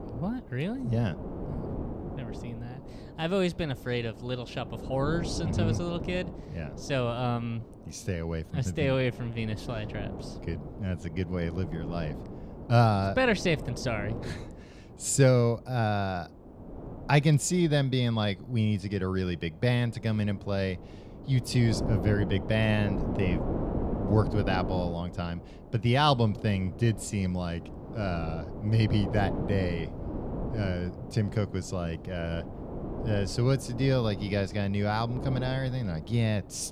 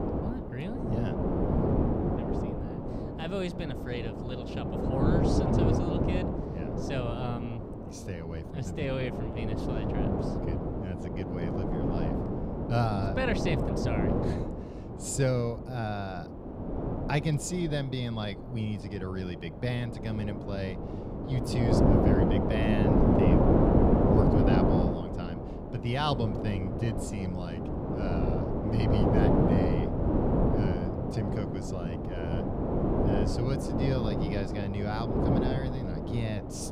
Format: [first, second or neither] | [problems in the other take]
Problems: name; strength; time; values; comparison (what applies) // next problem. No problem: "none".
first | wind noise on the microphone; heavy; 4 dB above the speech; occasional gusts in the first